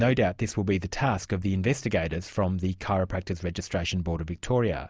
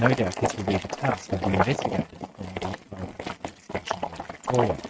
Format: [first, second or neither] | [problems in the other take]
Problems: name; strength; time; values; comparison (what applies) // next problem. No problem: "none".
first | noise reduction (neural mask model RNNoise)